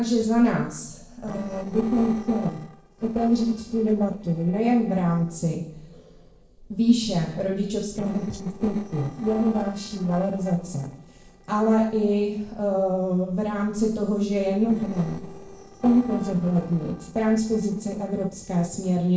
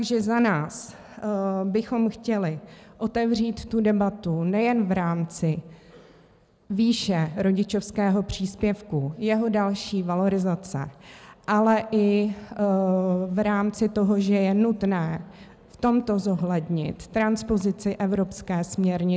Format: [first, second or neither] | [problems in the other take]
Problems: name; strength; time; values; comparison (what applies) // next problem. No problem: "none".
second | noise reduction (neural separator model SepFormer DNS4)